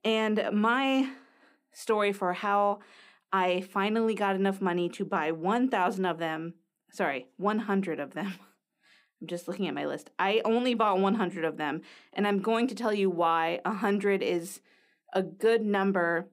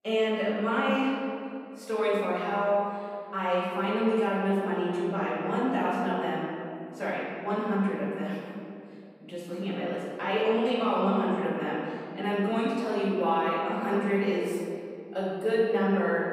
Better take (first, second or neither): first